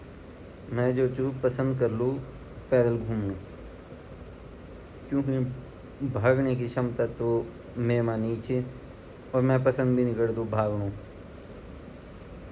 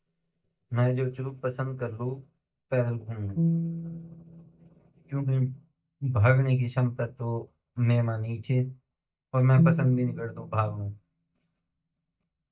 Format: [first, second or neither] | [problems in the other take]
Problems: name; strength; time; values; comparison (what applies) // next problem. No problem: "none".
first | noise reduction (neural mask model DeepFilterNet 3)